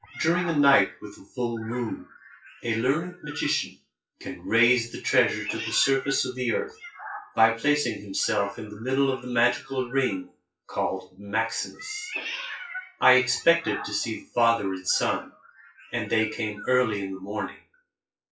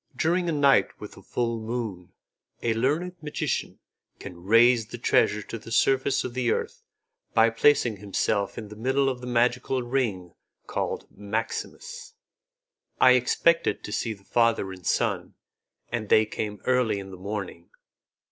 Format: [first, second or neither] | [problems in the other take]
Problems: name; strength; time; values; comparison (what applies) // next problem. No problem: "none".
second | noise reduction (classical method WPE with log-MMSE)